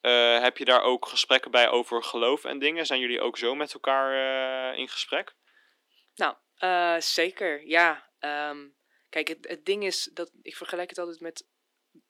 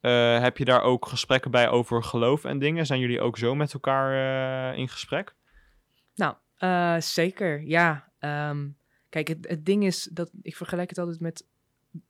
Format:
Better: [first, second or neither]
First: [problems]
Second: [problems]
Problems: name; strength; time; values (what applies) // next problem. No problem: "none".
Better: second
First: thin; somewhat; fading below 300 Hz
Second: none